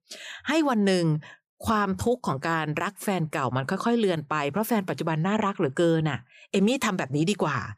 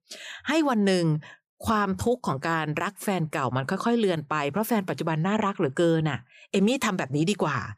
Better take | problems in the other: neither | none

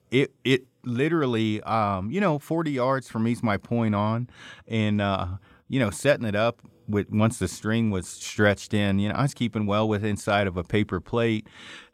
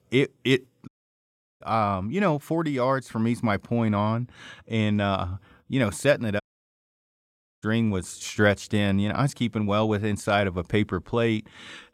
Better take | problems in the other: first | audio cutting out; at 1 s for 0.5 s and at 6.5 s for 1 s

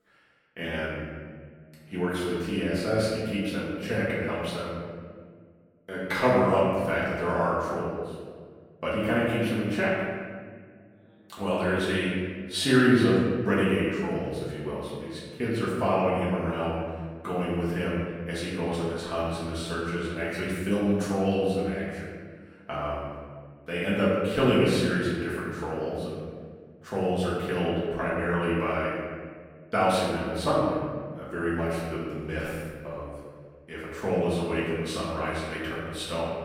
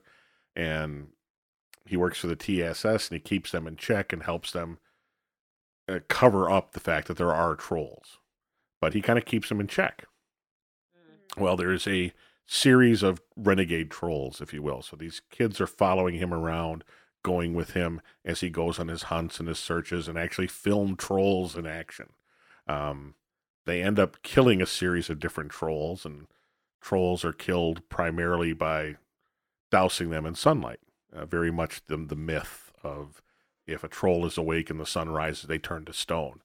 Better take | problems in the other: second | off-mic speech; far // room echo; strong; dies away in 1.6 s

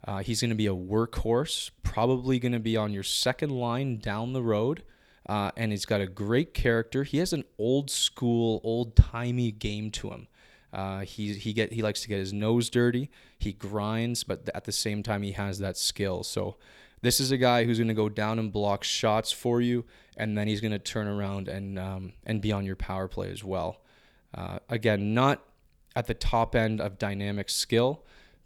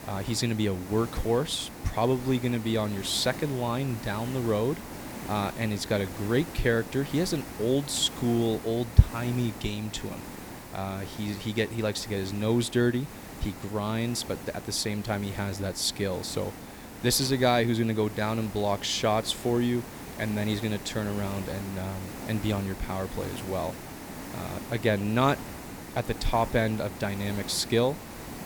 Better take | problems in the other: first | hiss; noticeable; throughout; 10 dB below the speech

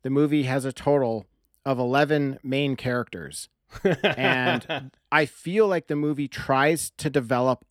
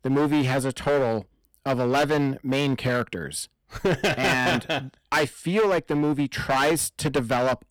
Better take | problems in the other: first | distortion; heavy; 14% of the sound clipped

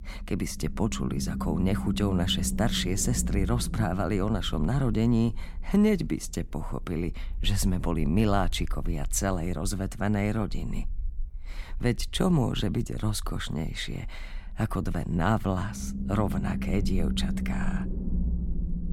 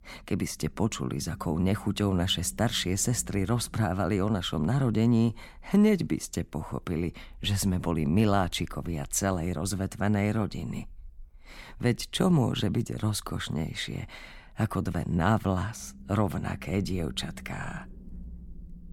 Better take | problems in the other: second | low rumble; loud; throughout; 10 dB below the speech; faint in the second

